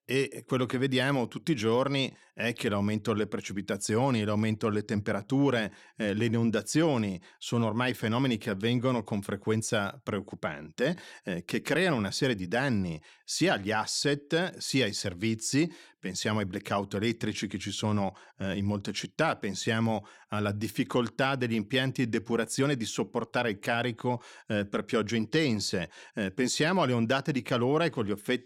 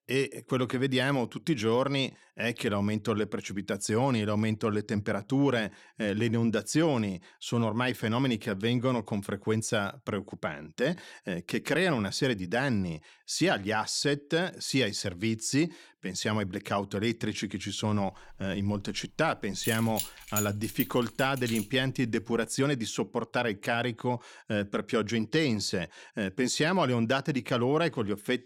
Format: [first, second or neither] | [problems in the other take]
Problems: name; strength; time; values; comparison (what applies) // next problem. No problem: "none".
first | jangling keys; noticeable; from 18 to 22 s; peak 3 dB below the speech